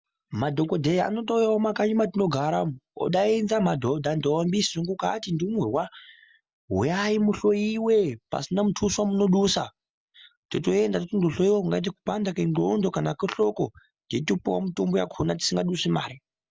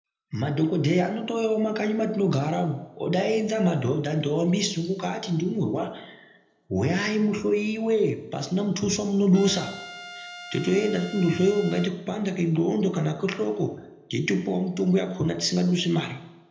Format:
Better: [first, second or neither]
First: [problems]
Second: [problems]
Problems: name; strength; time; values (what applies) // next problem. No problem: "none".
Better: first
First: none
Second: background sound (Trumpet); 16 dB below the speech // room echo; dies away in 0.7 s